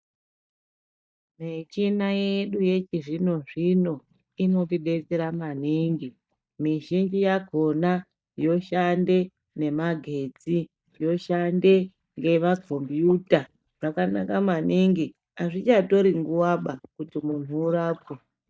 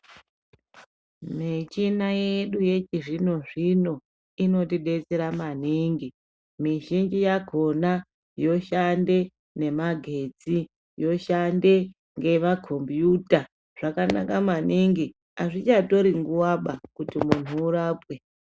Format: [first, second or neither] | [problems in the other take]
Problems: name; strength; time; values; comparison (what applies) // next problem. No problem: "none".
second | noise reduction (neural mask model DeepFilterNet 3)